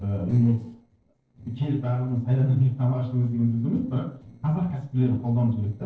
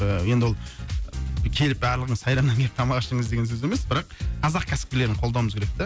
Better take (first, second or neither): second